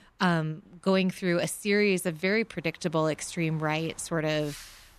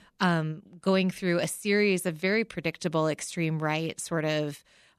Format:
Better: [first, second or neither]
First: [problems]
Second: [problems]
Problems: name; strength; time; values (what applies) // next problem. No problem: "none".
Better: second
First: traffic noise; faint; throughout; 25 dB below the speech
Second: none